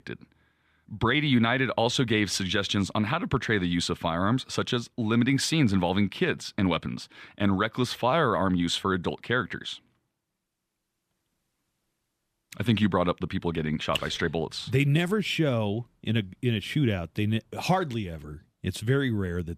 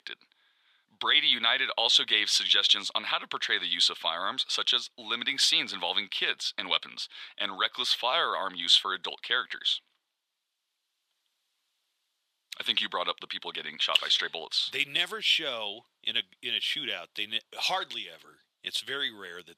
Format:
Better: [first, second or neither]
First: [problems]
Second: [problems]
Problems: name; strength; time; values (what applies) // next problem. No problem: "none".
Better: first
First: none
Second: thin; very; fading below 750 Hz